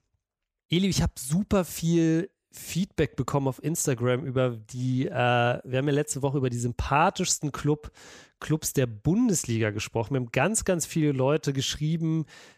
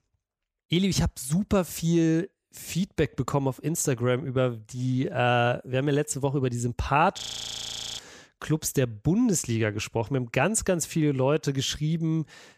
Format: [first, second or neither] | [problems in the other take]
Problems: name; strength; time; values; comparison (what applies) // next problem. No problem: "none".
first | audio freezing; at 7 s for 1 s